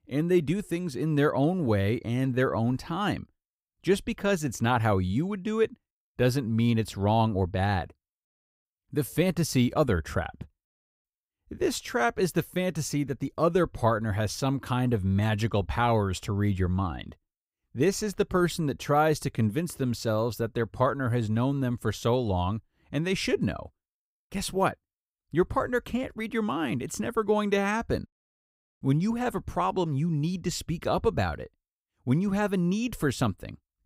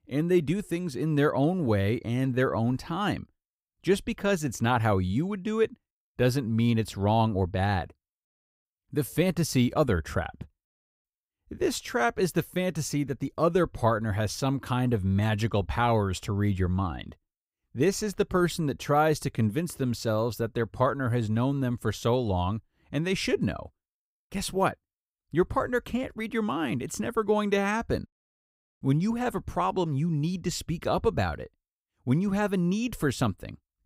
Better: neither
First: none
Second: none

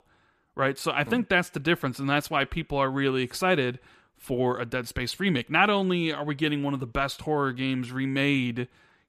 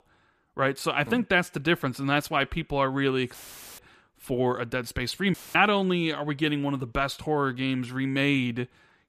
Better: first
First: none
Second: audio cutting out; filled with static; at 3.5 s and at 5.5 s

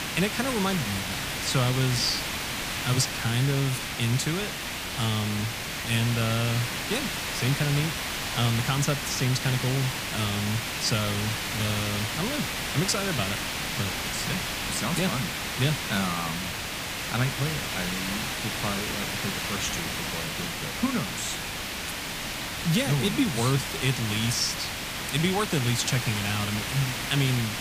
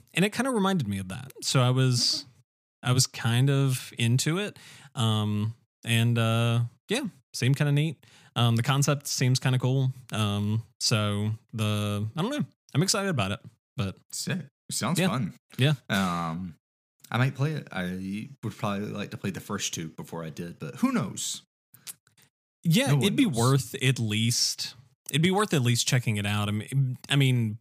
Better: second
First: hiss; loud; throughout; 1 dB below the speech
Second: none

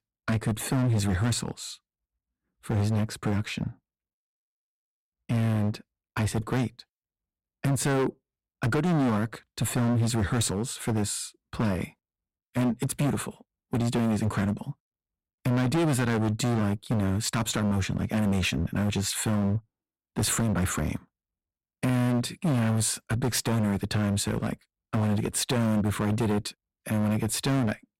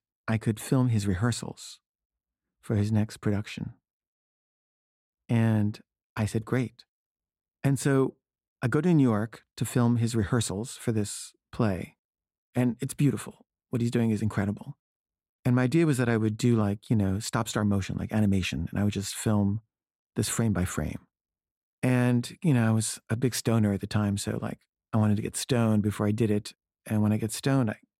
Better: second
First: distortion; heavy; 16% of the sound clipped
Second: none

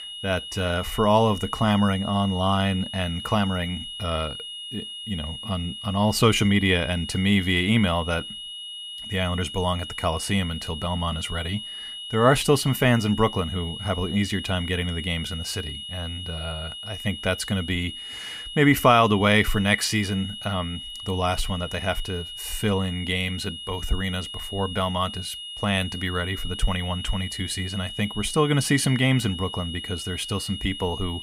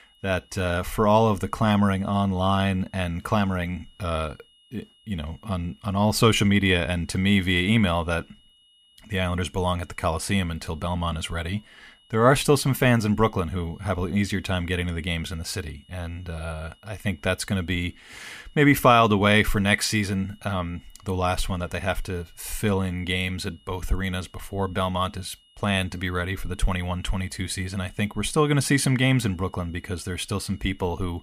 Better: second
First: high-pitched whine; loud; throughout; 3 kHz, 9 dB below the speech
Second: high-pitched whine; faint; throughout; 3 kHz, 30 dB below the speech

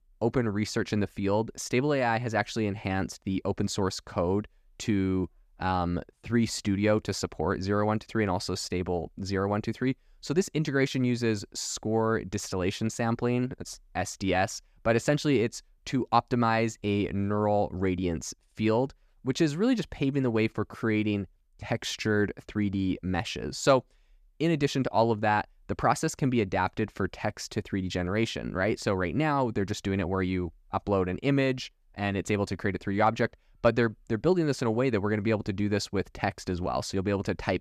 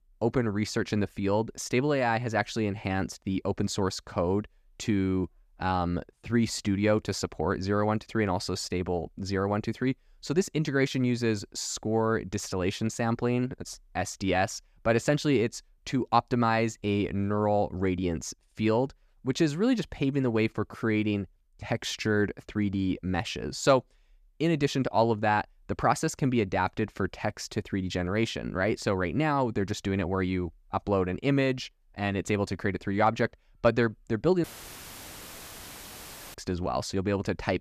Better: first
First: none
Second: audio cutting out; filled with static; at 34 s for 2 s

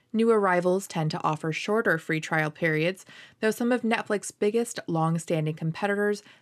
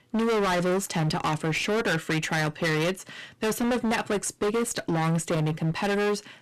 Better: first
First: none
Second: distortion; heavy; 33% of the sound clipped

